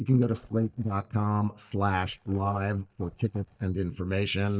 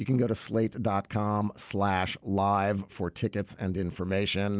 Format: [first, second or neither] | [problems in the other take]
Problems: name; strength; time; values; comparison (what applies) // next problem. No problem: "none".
second | noise reduction (neural mask model DeepFilterNet 3)